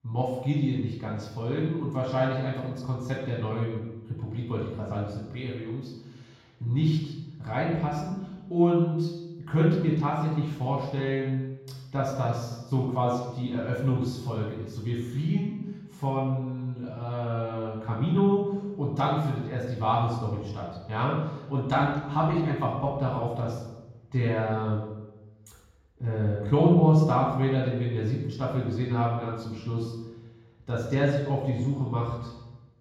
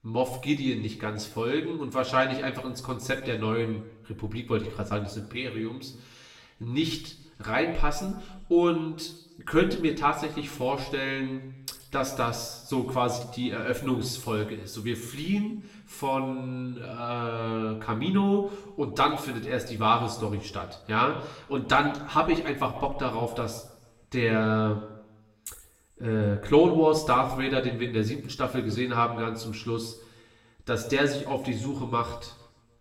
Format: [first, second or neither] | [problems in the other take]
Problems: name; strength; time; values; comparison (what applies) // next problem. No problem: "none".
second | room echo; strong; dies away in 1.3 s; slight in the second // off-mic speech; far; far in the second